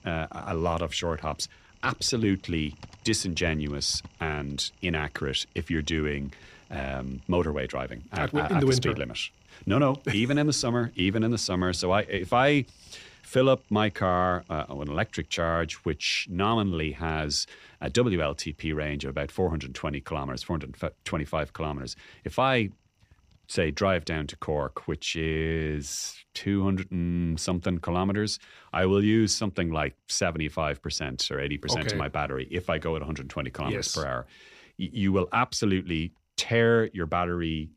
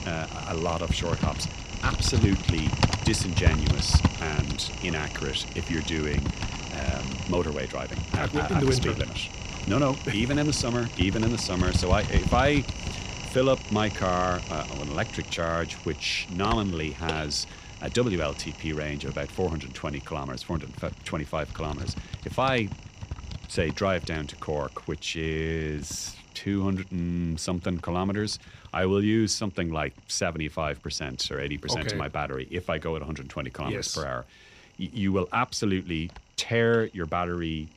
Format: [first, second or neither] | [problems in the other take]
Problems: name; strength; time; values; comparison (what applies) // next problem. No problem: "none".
first | household noises; loud; throughout; 3 dB below the speech; faint in the first